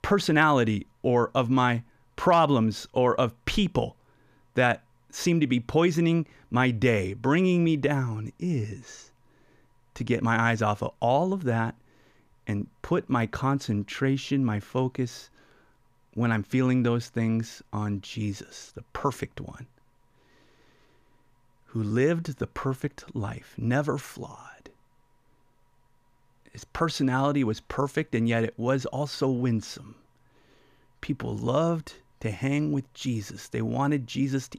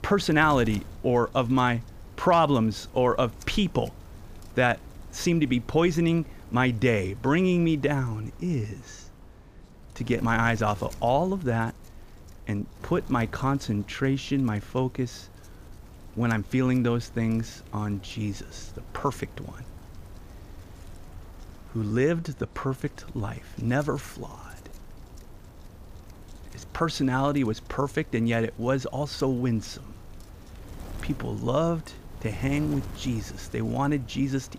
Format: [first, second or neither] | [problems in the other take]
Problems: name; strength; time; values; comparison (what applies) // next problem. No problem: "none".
first | wind noise on the microphone; occasional gusts; 25 dB below the speech